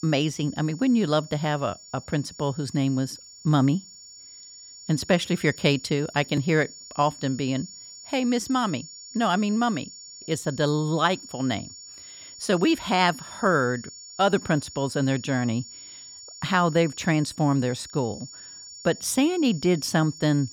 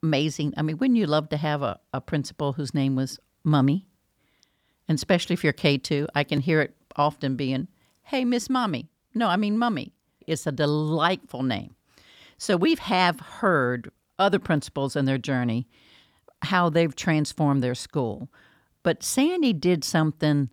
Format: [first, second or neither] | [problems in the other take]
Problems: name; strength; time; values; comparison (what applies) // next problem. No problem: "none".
second | high-pitched whine; noticeable; throughout; 7 kHz, 15 dB below the speech